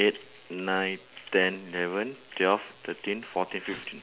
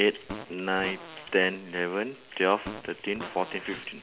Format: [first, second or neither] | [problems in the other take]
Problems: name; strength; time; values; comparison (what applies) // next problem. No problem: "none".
first | background sound (Fart); 14 dB below the speech